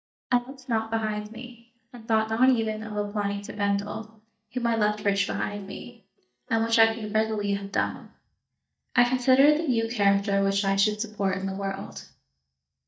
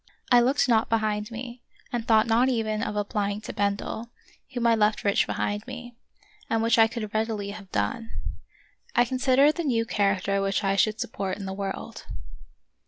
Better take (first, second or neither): second